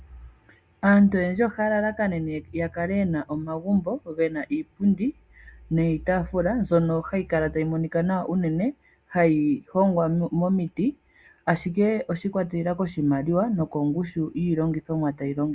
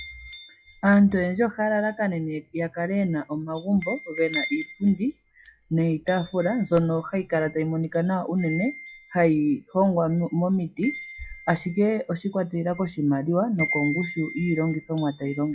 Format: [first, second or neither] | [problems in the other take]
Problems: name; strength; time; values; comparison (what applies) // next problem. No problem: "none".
first | noise reduction (classical method log-MMSE)